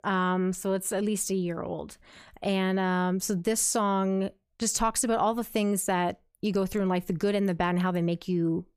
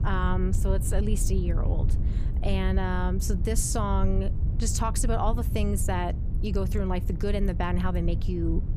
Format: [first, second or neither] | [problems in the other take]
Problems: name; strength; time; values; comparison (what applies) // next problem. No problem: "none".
first | wind noise on the microphone; occasional gusts; 10 dB below the speech